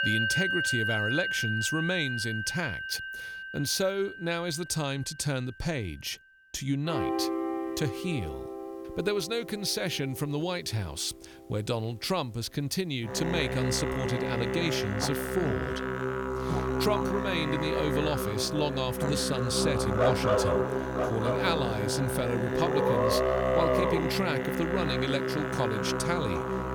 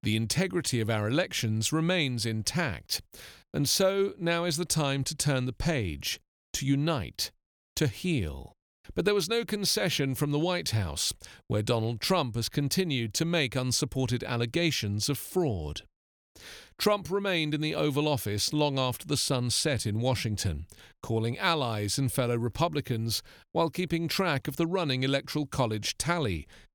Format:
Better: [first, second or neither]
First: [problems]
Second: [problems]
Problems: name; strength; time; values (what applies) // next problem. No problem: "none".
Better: second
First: background music; very loud; throughout; 1 dB above the speech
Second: none